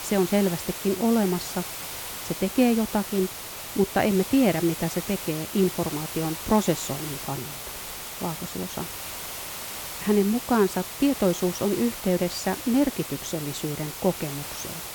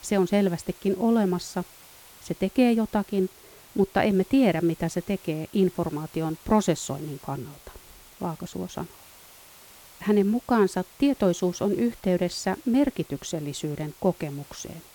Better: second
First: hiss; loud; throughout; 8 dB below the speech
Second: hiss; faint; throughout; 20 dB below the speech

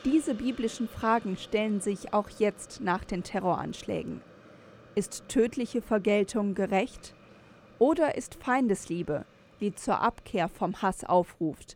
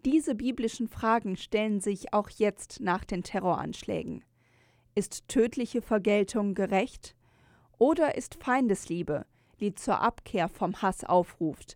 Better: second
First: hiss; faint; throughout; 25 dB below the speech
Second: none

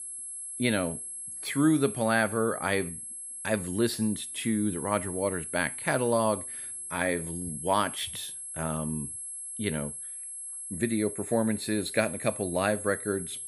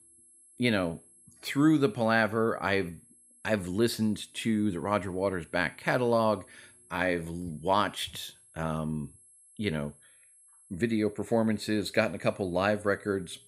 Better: second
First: high-pitched whine; loud; throughout; 11 kHz, 7 dB below the speech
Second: high-pitched whine; faint; throughout; 11 kHz, 25 dB below the speech

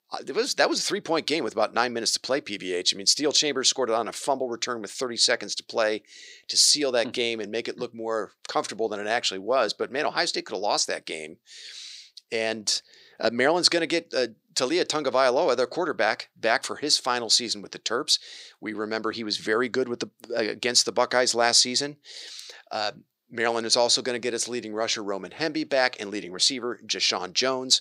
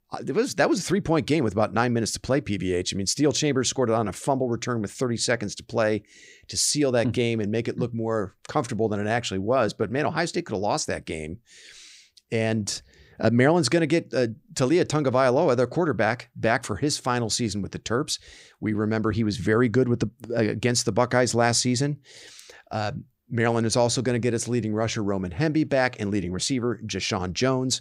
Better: second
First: thin; somewhat; fading below 400 Hz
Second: none

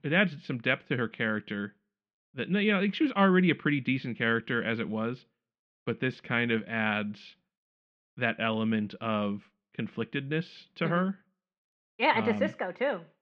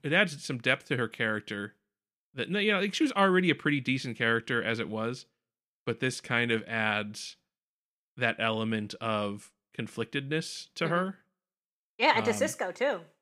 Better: second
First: muffled; slightly; fading above 3.5 kHz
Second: none

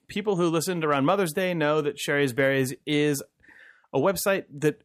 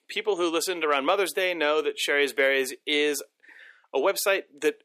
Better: first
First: none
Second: thin; somewhat; fading below 350 Hz

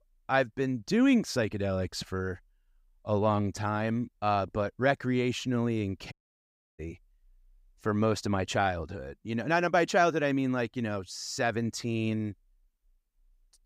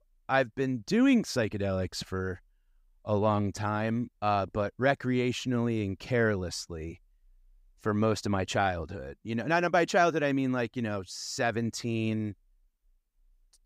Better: second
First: audio cutting out; at 6 s for 0.5 s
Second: none

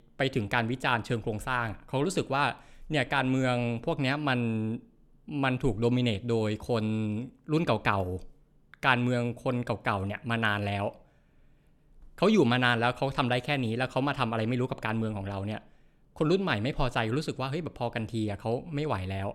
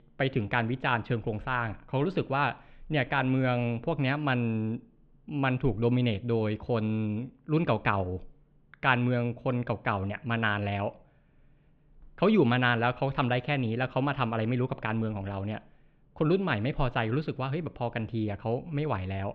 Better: first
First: none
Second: muffled; slightly; fading above 3 kHz

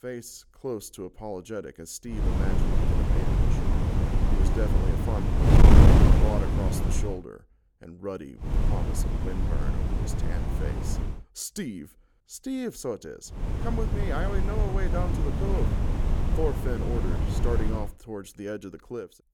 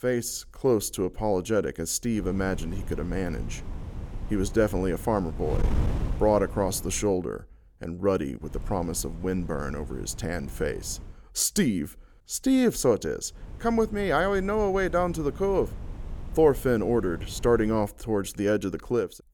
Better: second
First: wind noise on the microphone; heavy; from 2 to 7 s, from 8.5 to 11 s and from 13 to 18 s; 3 dB above the speech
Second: wind noise on the microphone; occasional gusts; from 2 to 7 s, from 8.5 to 11 s and from 13 to 18 s; 20 dB below the speech

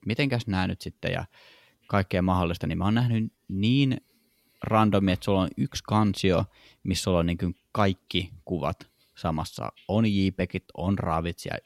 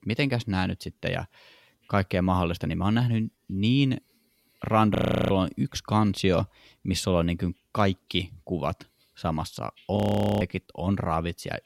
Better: first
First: none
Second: audio freezing; at 5 s and at 10 s

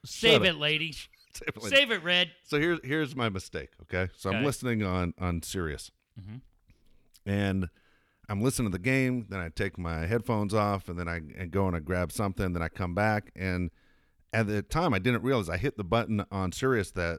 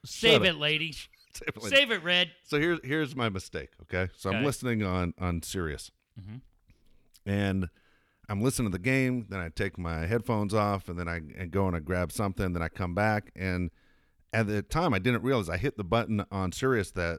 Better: neither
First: none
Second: none

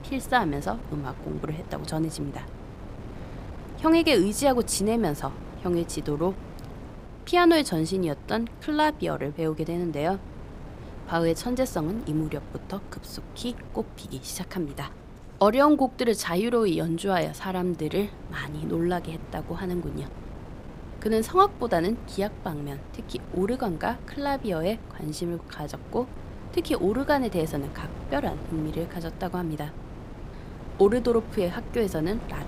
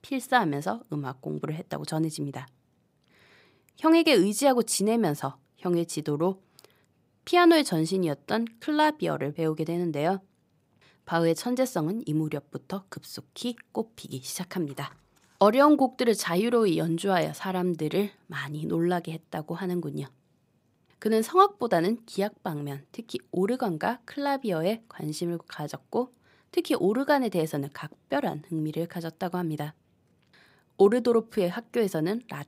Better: second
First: wind noise on the microphone; occasional gusts; 20 dB below the speech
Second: none

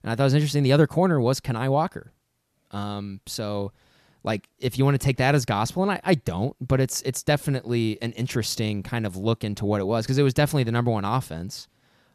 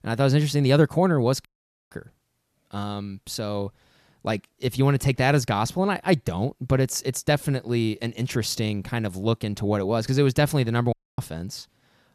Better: first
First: none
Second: audio cutting out; at 1.5 s and at 11 s

